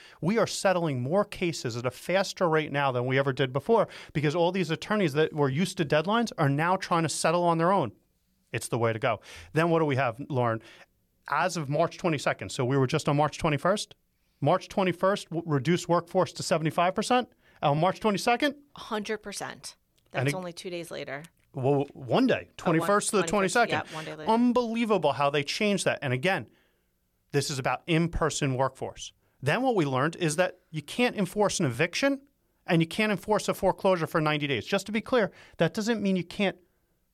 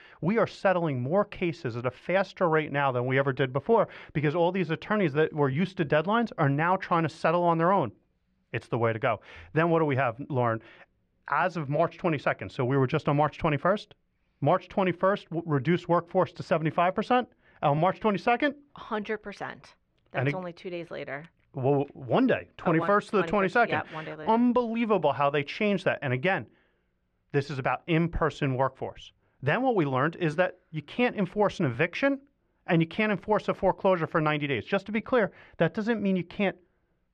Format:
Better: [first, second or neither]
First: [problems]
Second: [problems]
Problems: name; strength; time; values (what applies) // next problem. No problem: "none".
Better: first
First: none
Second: muffled; very; fading above 2 kHz